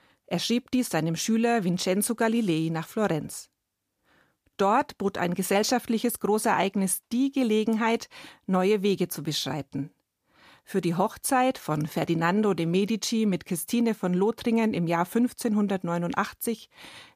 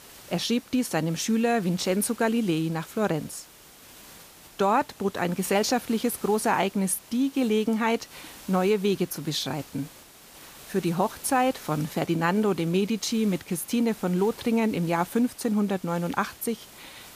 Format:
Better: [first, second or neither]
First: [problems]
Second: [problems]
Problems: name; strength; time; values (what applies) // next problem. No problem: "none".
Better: first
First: none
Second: hiss; noticeable; throughout; 20 dB below the speech